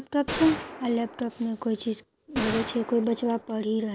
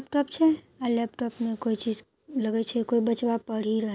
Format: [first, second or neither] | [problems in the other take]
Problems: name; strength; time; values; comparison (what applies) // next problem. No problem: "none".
second | background sound (Gunshot, gunfire); 10 dB below the speech